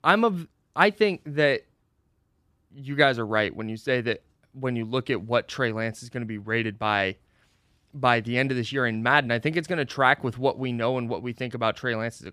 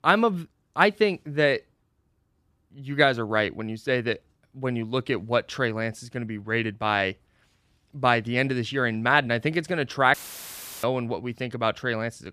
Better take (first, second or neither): first